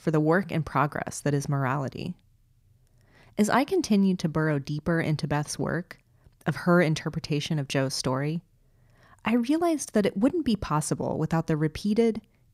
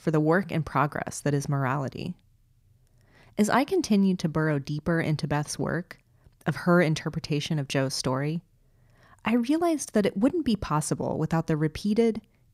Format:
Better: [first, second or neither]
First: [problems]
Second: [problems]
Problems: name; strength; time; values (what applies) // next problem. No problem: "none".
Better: neither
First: none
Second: none